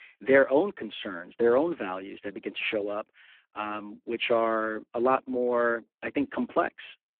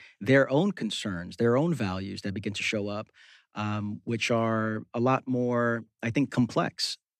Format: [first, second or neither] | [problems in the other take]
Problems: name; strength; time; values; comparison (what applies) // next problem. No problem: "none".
second | phone-call audio; poor line